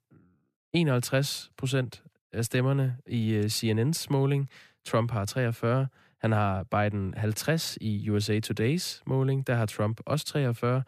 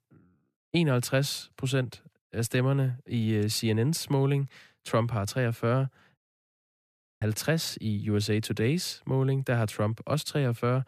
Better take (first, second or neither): first